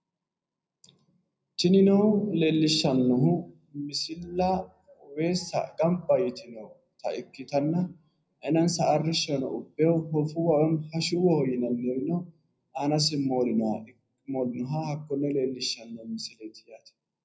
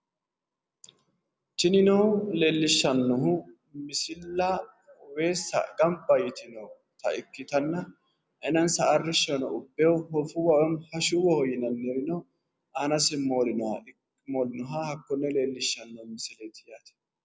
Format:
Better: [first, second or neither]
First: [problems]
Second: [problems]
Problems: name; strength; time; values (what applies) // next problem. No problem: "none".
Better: second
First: room echo; dies away in 0.4 s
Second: none